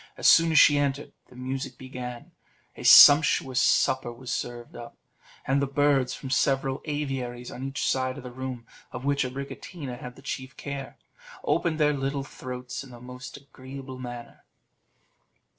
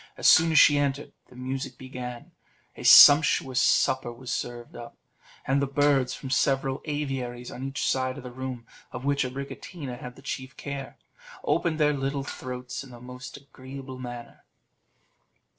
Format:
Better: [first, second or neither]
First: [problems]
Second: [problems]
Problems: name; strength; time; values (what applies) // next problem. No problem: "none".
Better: first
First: none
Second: background sound (Dishes, pots, and pans); 15 dB below the speech